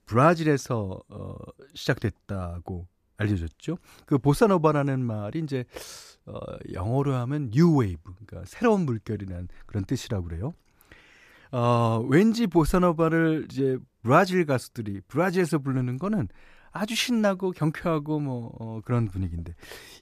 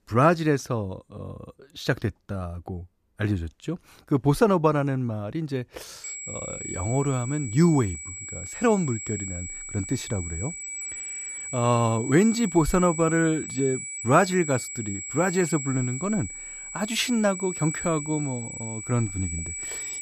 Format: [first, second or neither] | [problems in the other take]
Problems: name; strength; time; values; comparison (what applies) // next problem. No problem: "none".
first | high-pitched whine; loud; from 6 s on; 8 kHz, 8 dB below the speech